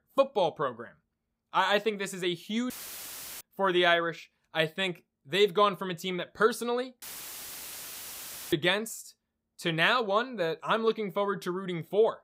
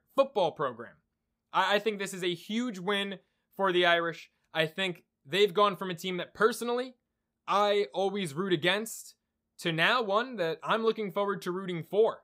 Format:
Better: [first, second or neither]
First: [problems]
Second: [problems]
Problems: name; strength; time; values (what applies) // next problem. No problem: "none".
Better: second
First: audio cutting out; filled with static; at 2.5 s for 0.5 s and at 7 s for 1.5 s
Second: none